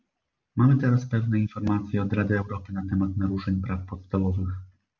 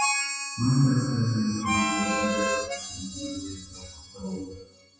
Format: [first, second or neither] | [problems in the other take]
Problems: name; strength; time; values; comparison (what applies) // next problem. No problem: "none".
first | noise reduction (classical method WPE with log-MMSE)